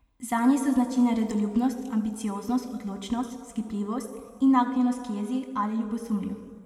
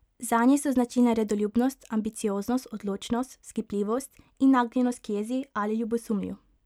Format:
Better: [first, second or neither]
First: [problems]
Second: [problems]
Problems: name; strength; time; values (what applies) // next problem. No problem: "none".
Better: second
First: room echo; dies away in 1.8 s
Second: none